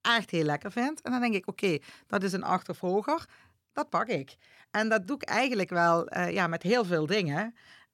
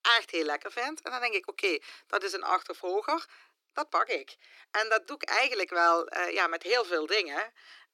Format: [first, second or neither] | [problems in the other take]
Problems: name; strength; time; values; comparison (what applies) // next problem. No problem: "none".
first | thin; very; fading below 300 Hz